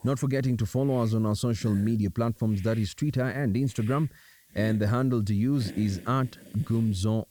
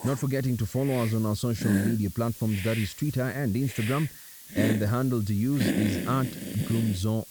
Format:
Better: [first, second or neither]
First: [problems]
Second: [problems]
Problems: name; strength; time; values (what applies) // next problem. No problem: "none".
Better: first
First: hiss; faint; throughout; 20 dB below the speech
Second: hiss; loud; throughout; 6 dB below the speech